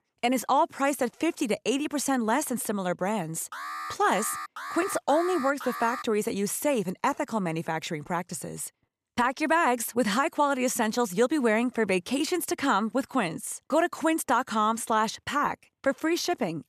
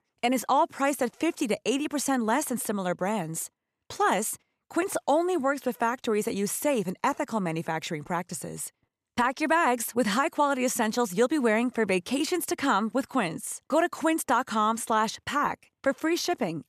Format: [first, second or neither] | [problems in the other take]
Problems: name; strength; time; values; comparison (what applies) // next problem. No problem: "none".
second | alarm; noticeable; from 3.5 to 6 s; peak 8 dB below the speech